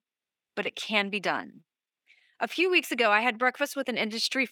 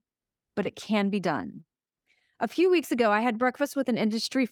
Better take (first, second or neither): second